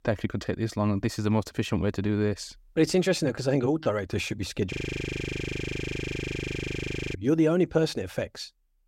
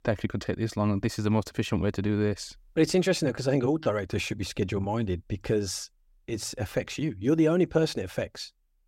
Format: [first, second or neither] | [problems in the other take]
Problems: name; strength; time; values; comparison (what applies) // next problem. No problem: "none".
second | audio freezing; at 4.5 s for 2.5 s